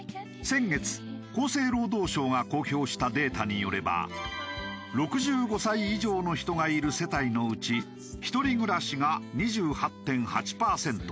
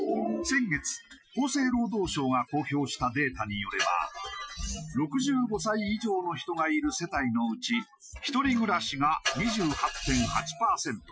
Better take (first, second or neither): first